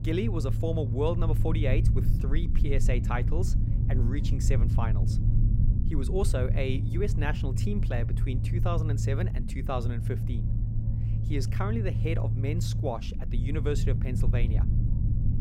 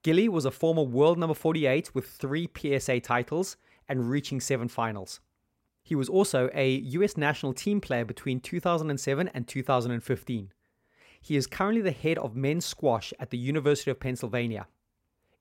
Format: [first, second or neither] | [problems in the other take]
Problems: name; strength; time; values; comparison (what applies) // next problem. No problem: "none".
second | low rumble; loud; throughout; 6 dB below the speech